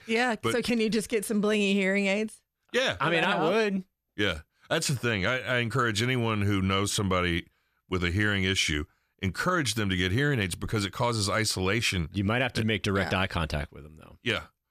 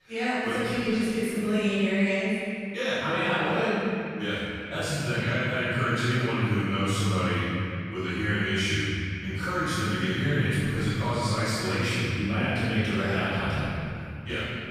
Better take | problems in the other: first | room echo; strong; dies away in 2.6 s // off-mic speech; far

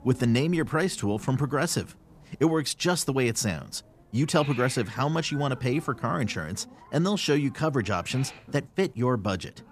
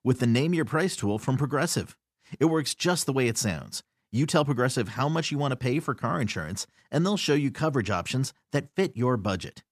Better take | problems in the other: second | hiss; faint; throughout; 20 dB below the speech

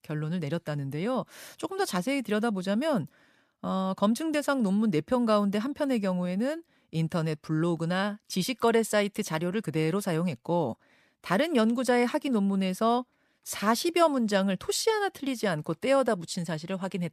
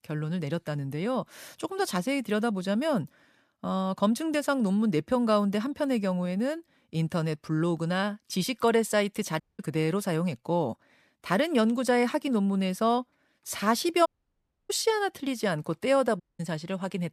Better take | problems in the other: first | audio cutting out; at 9.5 s, at 14 s for 0.5 s and at 16 s

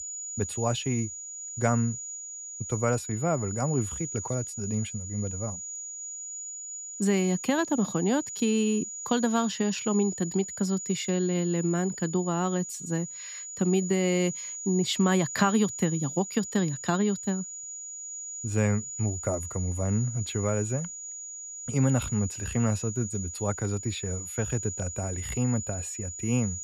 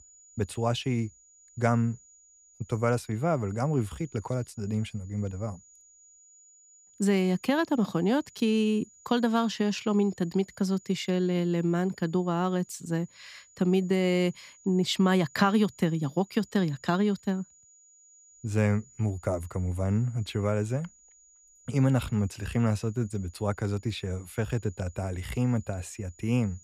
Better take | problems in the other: second | high-pitched whine; loud; throughout; 7 kHz, 7 dB below the speech; faint in the second

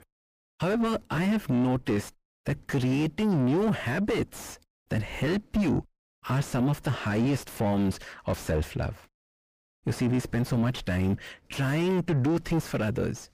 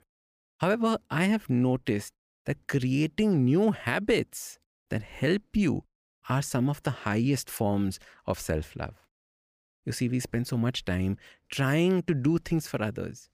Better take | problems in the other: second | distortion; heavy; 5 dB below the speech

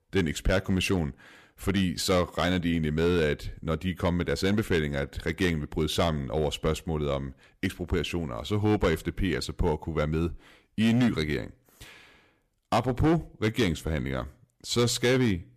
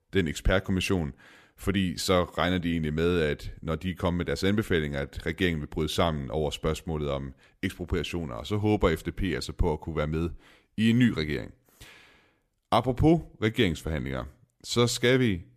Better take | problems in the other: second | distortion; slight; 5% of the sound clipped

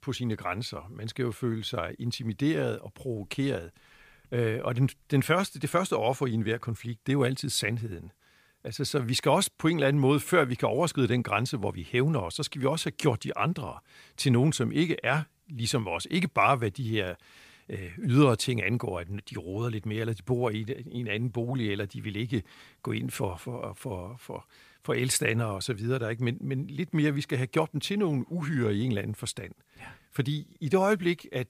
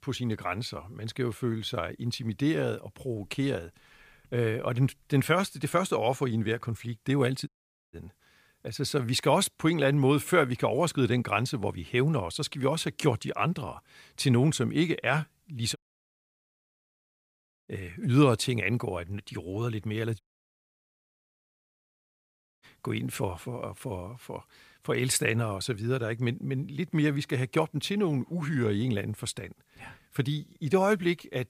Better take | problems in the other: first | audio cutting out; at 7.5 s, at 16 s for 2 s and at 20 s for 2.5 s

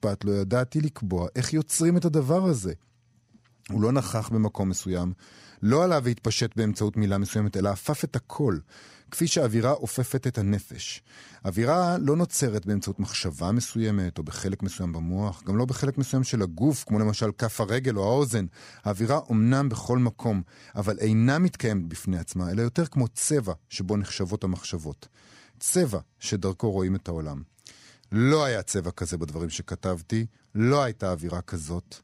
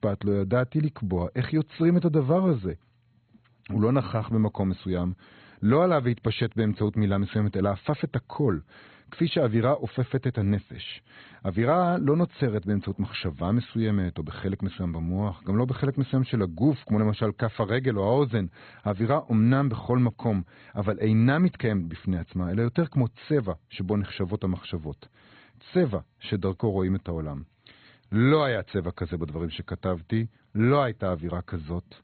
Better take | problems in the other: first | garbled, watery; badly; nothing above 4 kHz

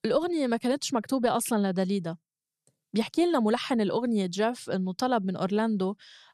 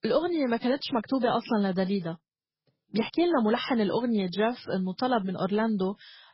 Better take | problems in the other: first | garbled, watery; badly; nothing above 5.5 kHz

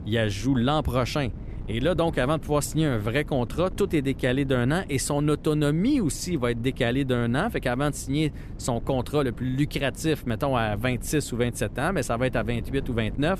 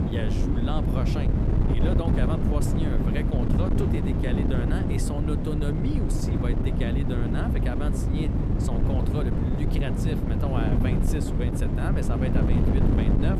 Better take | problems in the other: first | wind noise on the microphone; heavy; 2 dB above the speech; occasional gusts in the first

